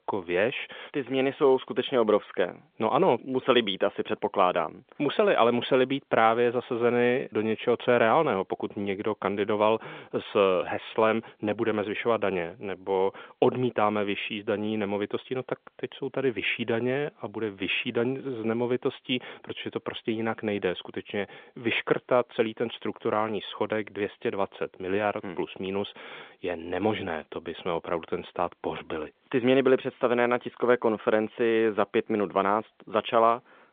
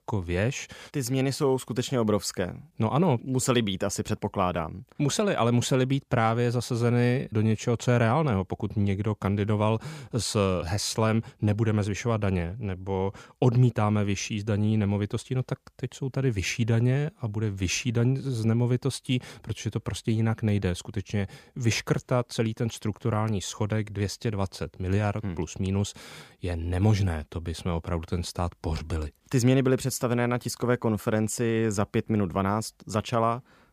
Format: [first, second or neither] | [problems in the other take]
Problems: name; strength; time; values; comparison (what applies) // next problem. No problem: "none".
second | phone-call audio; nothing above 3.5 kHz